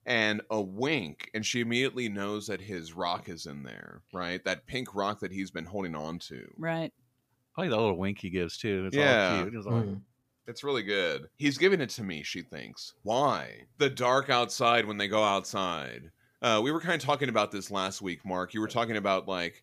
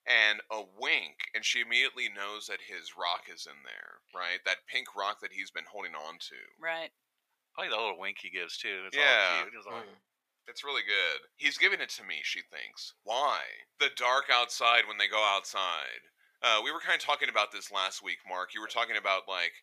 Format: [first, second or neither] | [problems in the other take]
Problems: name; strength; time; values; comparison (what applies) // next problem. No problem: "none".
first | thin; very; fading below 800 Hz